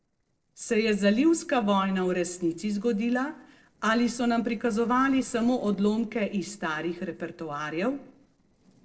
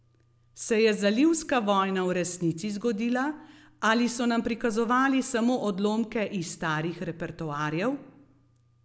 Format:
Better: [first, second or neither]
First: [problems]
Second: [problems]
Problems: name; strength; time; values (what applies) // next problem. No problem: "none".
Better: second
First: noise reduction (neural separator model SepFormer DNS4)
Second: none